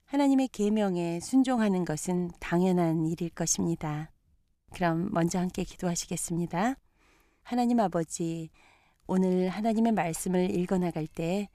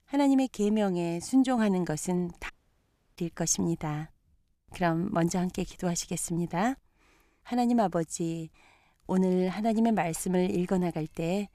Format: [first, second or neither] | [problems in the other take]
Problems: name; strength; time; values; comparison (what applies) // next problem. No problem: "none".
first | audio cutting out; at 2.5 s for 0.5 s